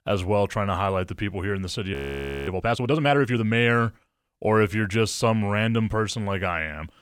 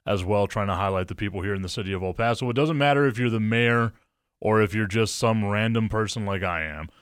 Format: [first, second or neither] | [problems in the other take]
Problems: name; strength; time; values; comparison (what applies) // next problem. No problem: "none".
second | audio freezing; at 2 s for 0.5 s